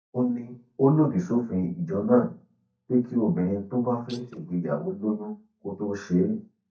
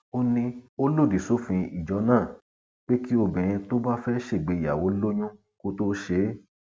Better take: second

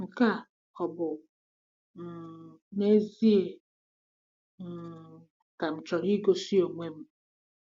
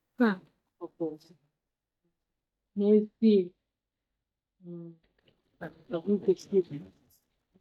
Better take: first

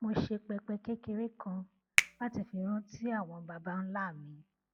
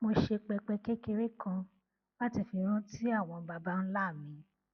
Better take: second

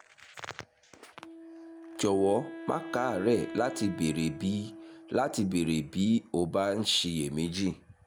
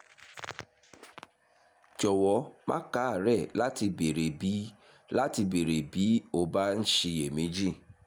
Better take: second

